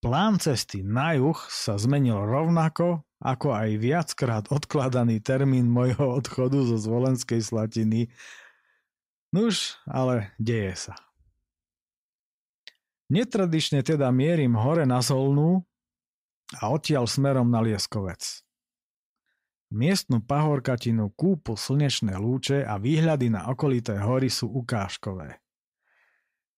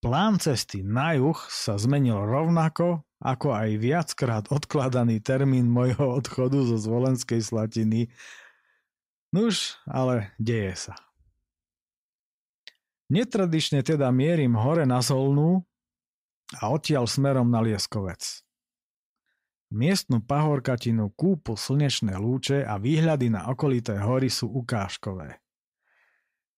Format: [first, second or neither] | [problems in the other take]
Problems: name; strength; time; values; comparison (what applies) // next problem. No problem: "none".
neither | none